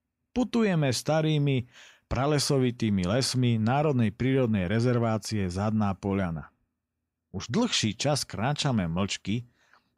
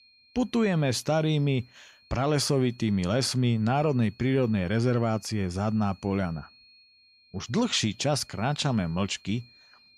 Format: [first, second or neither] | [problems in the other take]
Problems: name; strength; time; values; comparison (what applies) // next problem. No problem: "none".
first | high-pitched whine; faint; throughout; 4.5 kHz, 30 dB below the speech